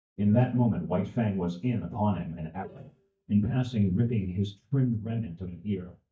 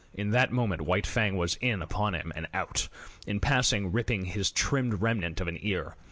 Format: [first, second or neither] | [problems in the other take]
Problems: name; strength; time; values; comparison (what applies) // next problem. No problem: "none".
second | noise reduction (neural mask model DeepFilterNet 3)